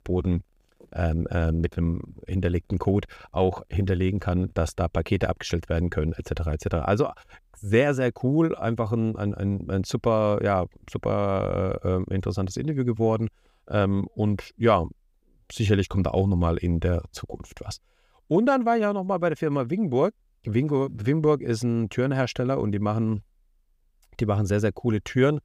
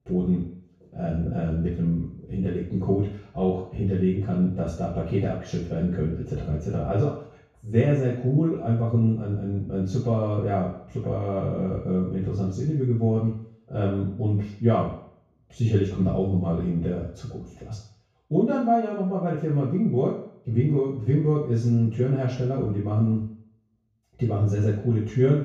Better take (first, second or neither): first